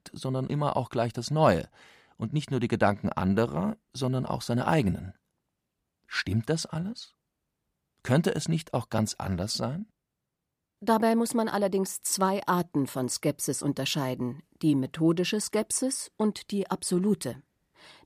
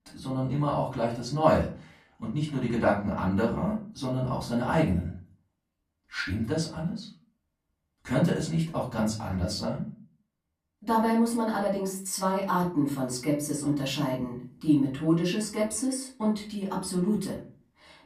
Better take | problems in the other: first | off-mic speech; far // room echo; slight; dies away in 0.3 s

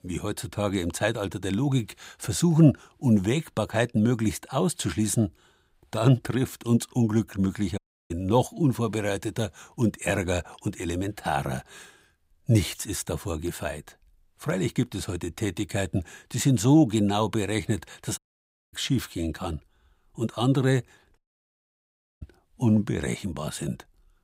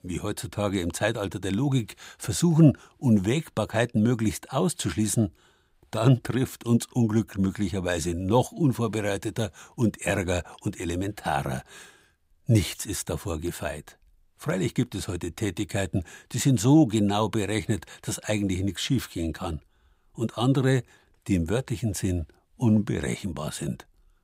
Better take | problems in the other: second | audio cutting out; at 8 s, at 18 s for 0.5 s and at 21 s for 1 s

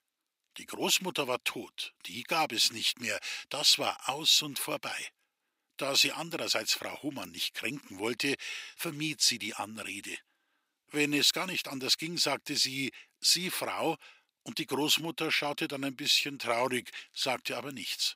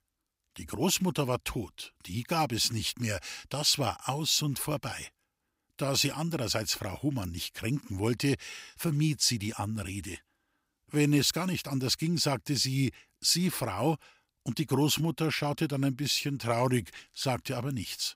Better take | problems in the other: second | thin; somewhat; fading below 350 Hz

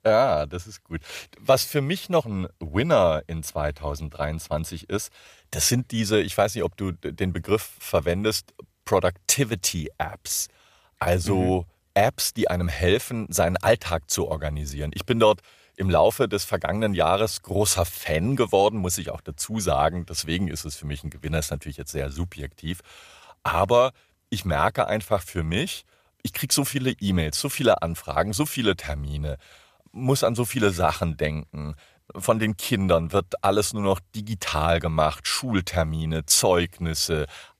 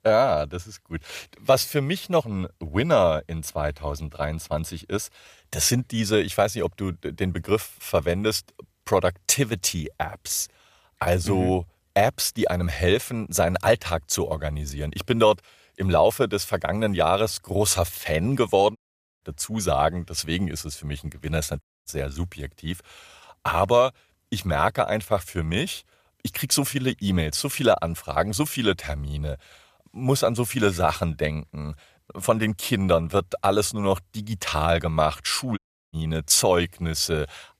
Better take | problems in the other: first | audio cutting out; at 19 s, at 22 s and at 36 s

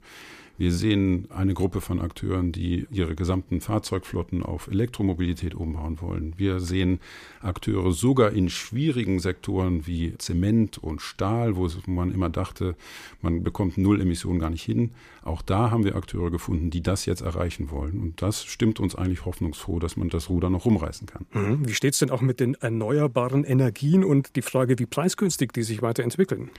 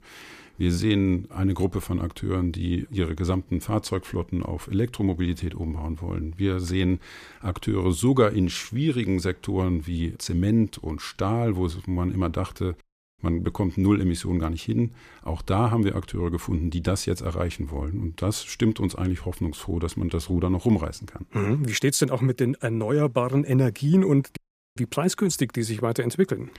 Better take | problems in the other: first | audio cutting out; at 13 s and at 24 s

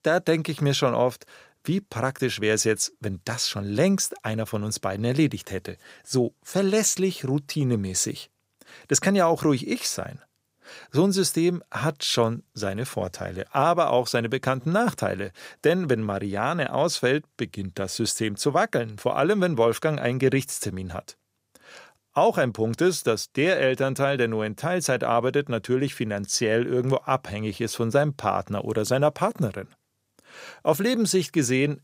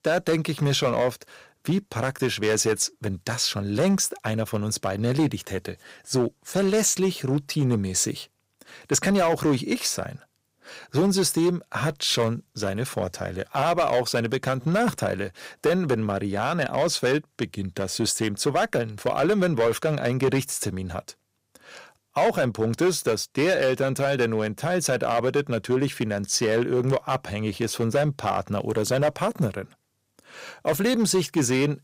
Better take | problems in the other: first | distortion; slight; 6% of the sound clipped

